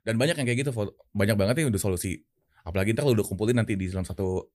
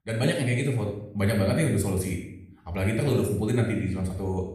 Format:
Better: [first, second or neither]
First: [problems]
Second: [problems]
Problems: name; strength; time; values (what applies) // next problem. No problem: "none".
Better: first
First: none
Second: off-mic speech; somewhat distant // room echo; noticeable; dies away in 0.6 s